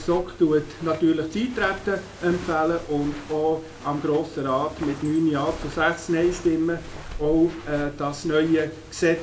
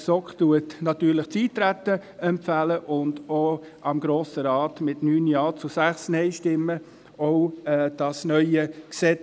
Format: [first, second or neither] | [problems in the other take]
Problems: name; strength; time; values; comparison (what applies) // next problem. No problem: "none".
second | background sound (Walk, footsteps); 15 dB below the speech // room echo; dies away in 0.3 s